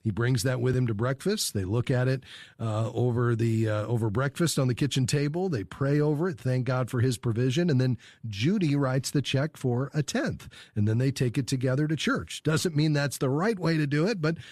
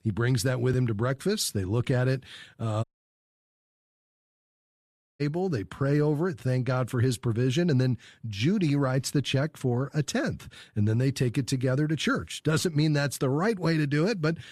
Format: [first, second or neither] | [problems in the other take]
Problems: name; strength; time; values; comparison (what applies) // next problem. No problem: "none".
first | audio cutting out; at 3 s for 2.5 s